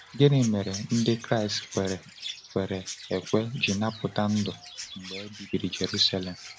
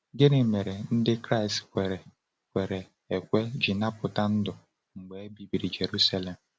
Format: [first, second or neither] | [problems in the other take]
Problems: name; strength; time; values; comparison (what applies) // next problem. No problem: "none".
second | background sound (Chirp, tweet); 14 dB below the speech